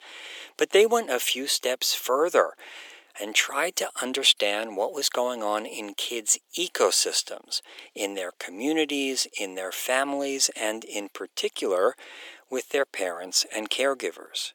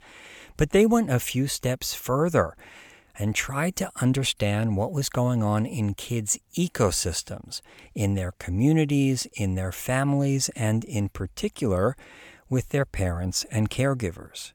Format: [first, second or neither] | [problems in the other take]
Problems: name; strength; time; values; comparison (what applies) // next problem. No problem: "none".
second | thin; very; fading below 350 Hz